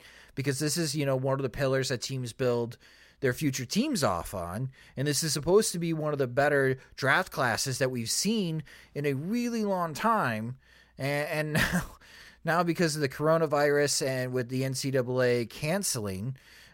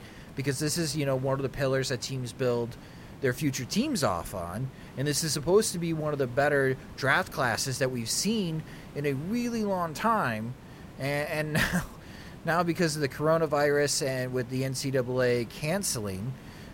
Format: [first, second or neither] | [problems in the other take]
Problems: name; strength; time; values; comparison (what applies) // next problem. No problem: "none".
first | hiss; noticeable; throughout; 20 dB below the speech